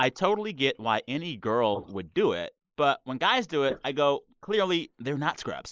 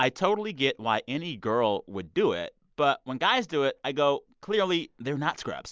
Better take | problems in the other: second | noise reduction (neural mask model Resemble Enhance denoiser)

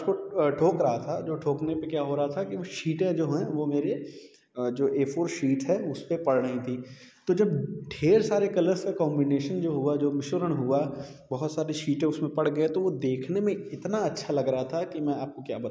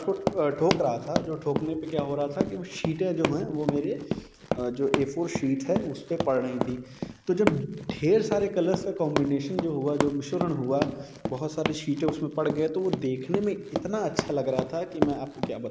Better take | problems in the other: first | background sound (Run); 5 dB below the speech

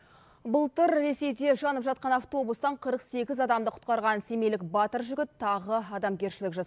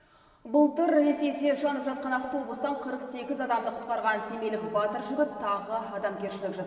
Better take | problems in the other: first | room echo; dies away in 2.7 s

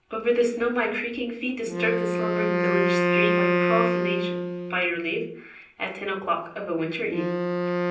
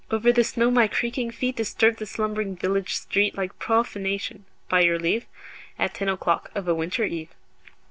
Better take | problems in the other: second | background sound (Wind instrument, woodwind instrument); 1 dB above the speech // room echo; dies away in 0.6 s

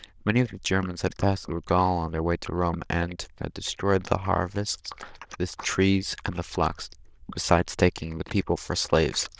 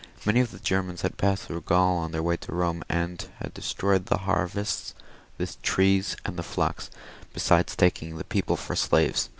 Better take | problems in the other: second | noise reduction (neural diffusion model UNIVERSE++)

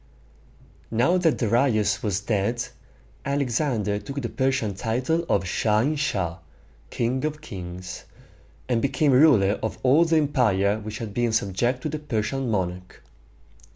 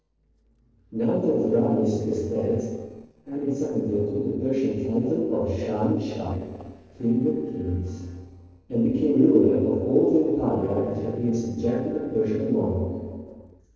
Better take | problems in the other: first | noise reduction (neural separator model SepFormer DNS4)

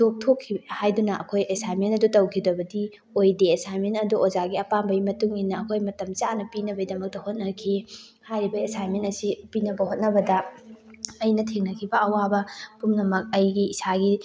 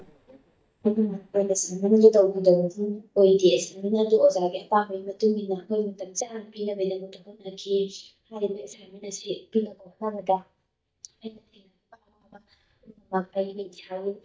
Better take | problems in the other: first | noise reduction (neural mask model DeepFilterNet 3)

